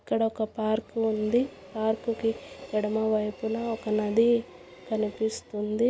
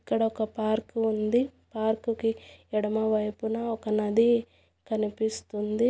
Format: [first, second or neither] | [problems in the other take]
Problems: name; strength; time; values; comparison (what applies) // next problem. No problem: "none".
second | background sound (Train); 20 dB below the speech